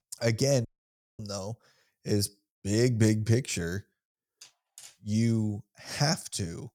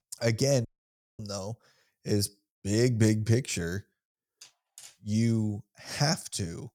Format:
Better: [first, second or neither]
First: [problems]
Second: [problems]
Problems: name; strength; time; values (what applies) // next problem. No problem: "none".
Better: neither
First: audio cutting out; at 0.5 s for 0.5 s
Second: audio cutting out; at 0.5 s for 0.5 s